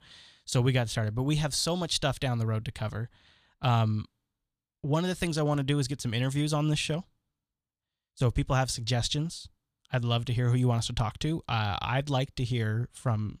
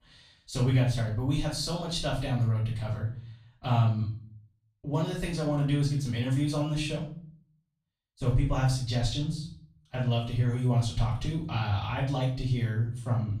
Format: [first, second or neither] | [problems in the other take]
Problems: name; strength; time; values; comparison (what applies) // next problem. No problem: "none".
first | off-mic speech; far // room echo; noticeable; dies away in 0.5 s